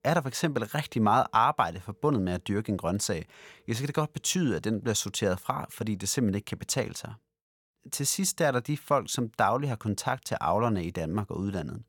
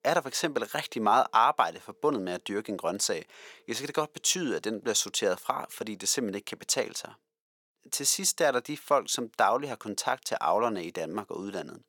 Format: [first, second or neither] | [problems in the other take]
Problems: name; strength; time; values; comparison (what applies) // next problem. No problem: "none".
first | thin; somewhat; fading below 350 Hz